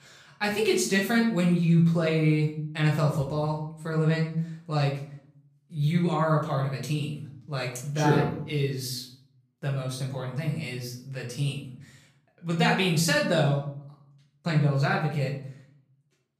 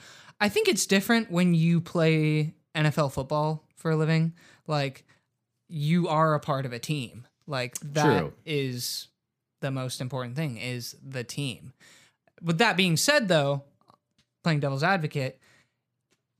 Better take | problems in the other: second | off-mic speech; far // room echo; slight; dies away in 0.5 s

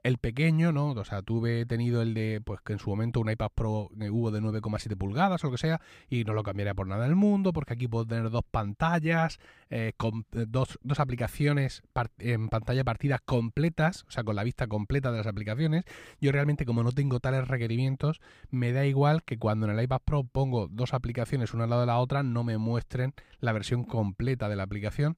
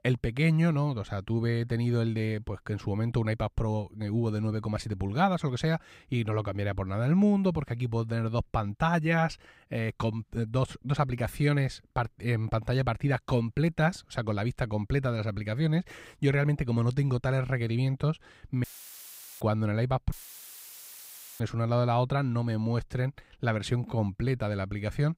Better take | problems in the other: first | audio cutting out; filled with static; at 19 s for 1 s and at 20 s for 1.5 s

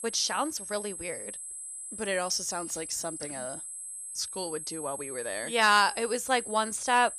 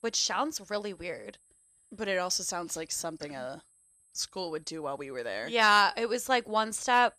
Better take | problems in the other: second | high-pitched whine; loud; throughout; 8 kHz, 8 dB below the speech; faint in the second

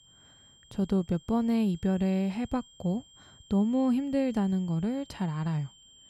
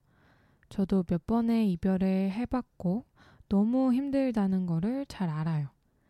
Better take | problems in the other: second | high-pitched whine; faint; throughout; 3 kHz, 25 dB below the speech

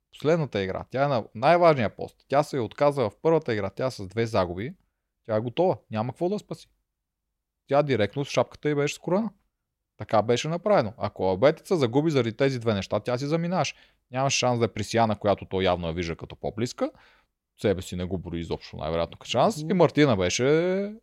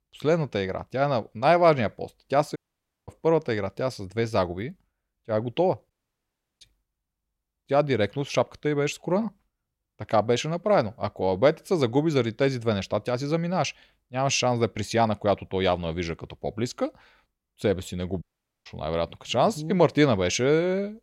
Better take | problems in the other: first | audio cutting out; at 2.5 s for 0.5 s, at 6 s for 0.5 s and at 18 s

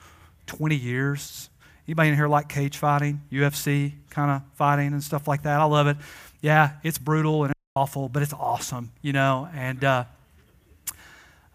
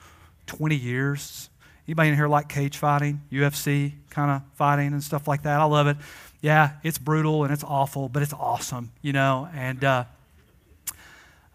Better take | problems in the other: second | audio cutting out; at 7.5 s

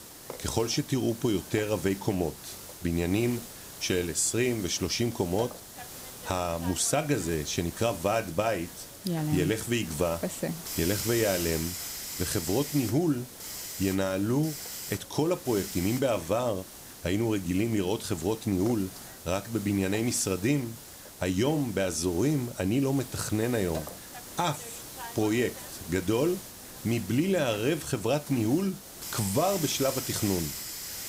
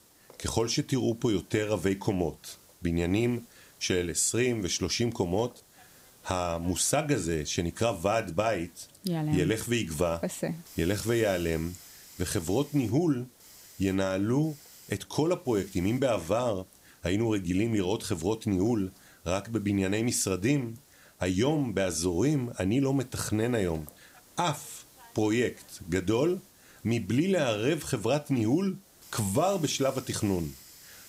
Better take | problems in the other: second | hiss; loud; throughout; 10 dB below the speech; faint in the second

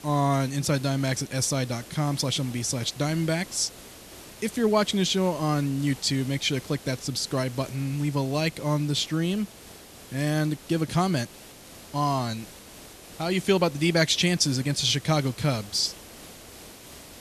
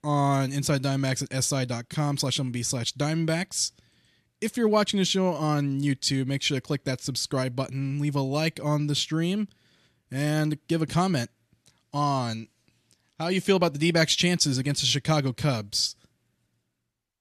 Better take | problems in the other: second | hiss; noticeable; throughout; 20 dB below the speech

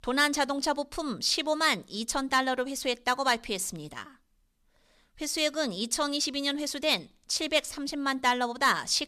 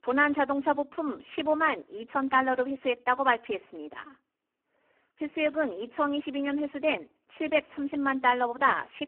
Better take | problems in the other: first | phone-call audio; poor line

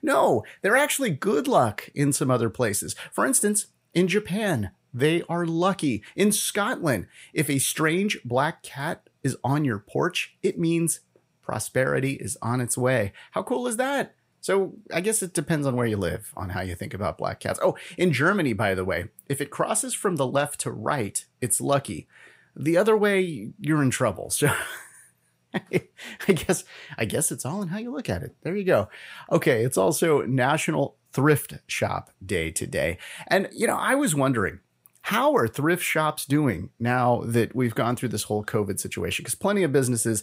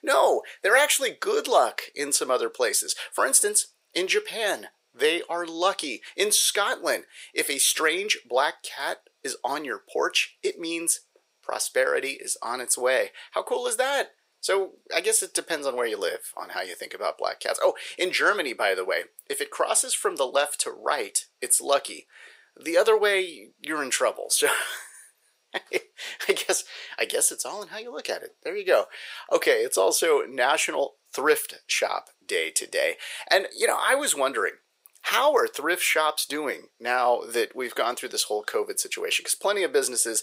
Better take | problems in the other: first | thin; very; fading below 450 Hz

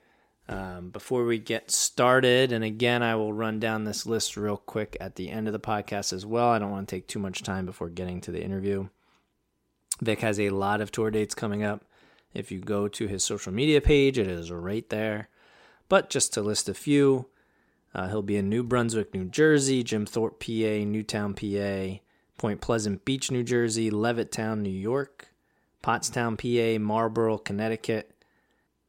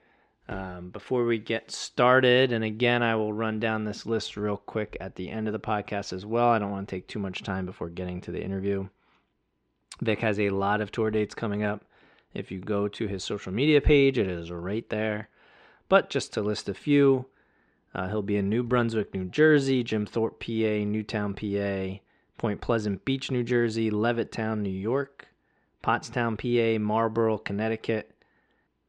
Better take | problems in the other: first | muffled; slightly; fading above 3 kHz

